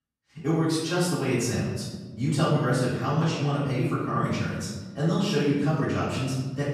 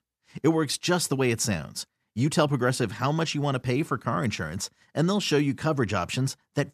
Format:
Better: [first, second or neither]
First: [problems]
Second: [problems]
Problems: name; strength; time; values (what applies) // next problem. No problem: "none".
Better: second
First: off-mic speech; far // room echo; noticeable; dies away in 1.3 s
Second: none